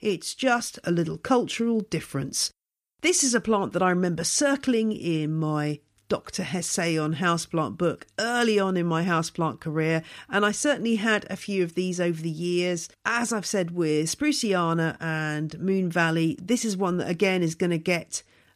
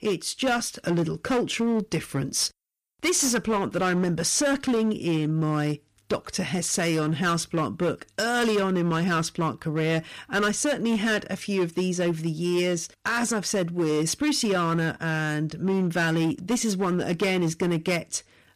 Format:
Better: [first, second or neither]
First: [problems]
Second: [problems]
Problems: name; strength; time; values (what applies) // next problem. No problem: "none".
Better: first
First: none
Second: distortion; slight; 12% of the sound clipped